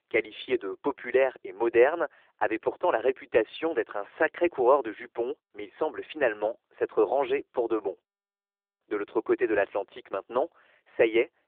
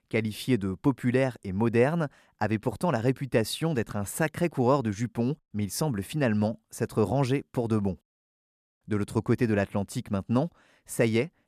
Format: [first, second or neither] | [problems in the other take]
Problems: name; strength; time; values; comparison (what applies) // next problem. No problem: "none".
second | phone-call audio